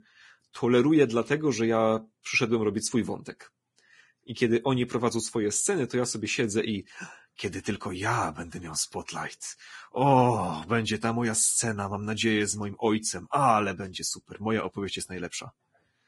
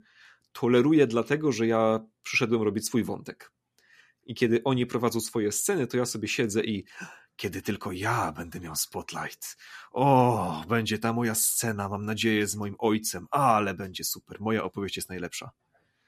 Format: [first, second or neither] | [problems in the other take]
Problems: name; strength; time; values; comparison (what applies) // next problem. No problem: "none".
second | garbled, watery; badly; nothing above 10.5 kHz